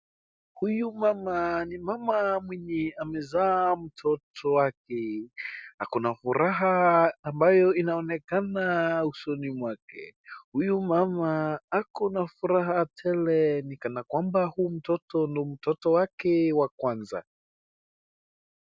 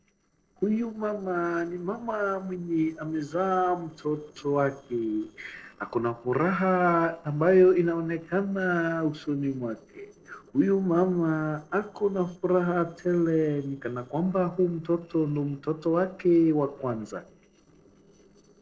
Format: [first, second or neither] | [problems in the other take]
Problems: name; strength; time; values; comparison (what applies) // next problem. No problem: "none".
first | noise reduction (neural separator model SepFormer DNS4)